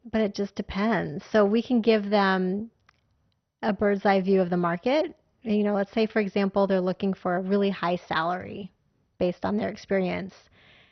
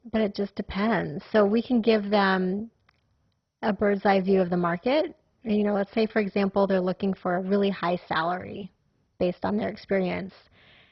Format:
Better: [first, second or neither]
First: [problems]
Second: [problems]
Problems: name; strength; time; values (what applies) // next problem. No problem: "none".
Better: first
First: garbled, watery; slightly; nothing above 6 kHz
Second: garbled, watery; badly; nothing above 5.5 kHz